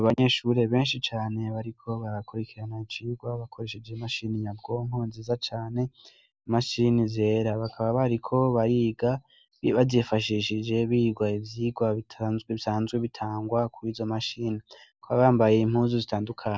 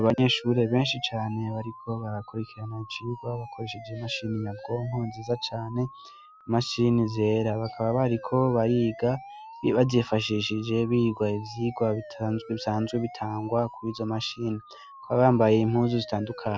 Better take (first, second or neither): first